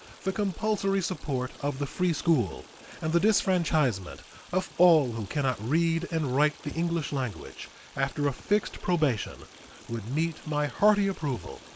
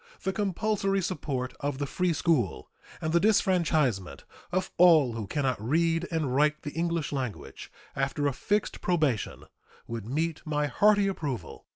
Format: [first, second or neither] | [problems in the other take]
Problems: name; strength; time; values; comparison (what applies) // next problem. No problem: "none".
second | noise reduction (neural mask model Resemble Enhance denoiser)